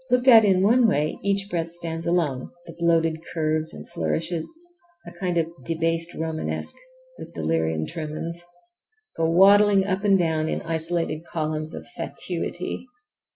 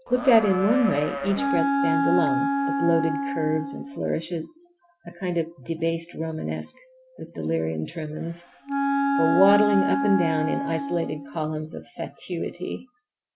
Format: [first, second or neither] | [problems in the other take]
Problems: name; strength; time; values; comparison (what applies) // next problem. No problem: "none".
first | background sound (Livestock, farm animals, working animals + Wind instrument, woodwind instrument); as loud as the speech